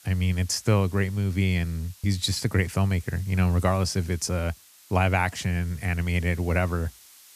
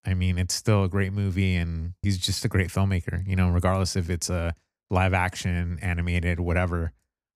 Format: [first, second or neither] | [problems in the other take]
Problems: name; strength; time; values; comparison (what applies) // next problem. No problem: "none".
second | hiss; faint; throughout; 25 dB below the speech